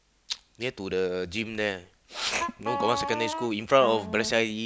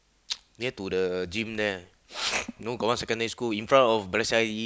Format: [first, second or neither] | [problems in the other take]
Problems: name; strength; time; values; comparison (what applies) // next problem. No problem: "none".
second | background sound (Wind instrument, woodwind instrument); 5 dB below the speech